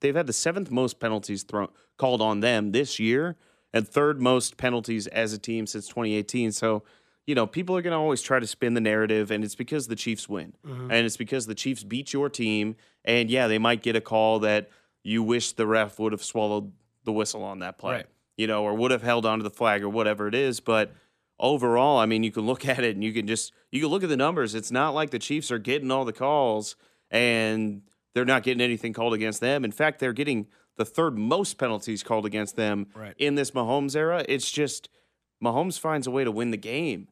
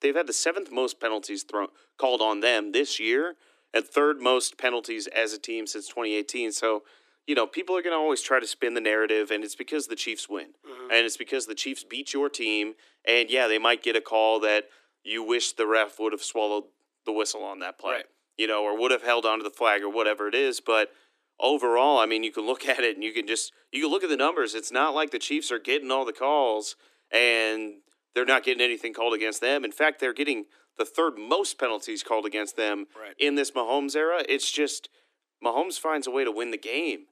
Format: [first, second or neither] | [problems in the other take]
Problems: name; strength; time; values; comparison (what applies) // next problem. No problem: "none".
first | thin; somewhat; fading below 300 Hz